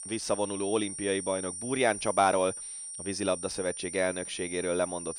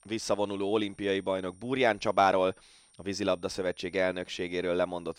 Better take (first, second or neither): second